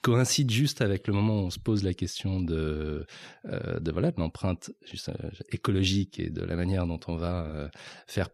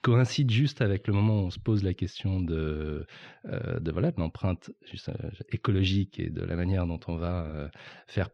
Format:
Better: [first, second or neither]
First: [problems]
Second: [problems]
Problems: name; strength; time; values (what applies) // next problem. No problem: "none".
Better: first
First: none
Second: muffled; slightly; fading above 3 kHz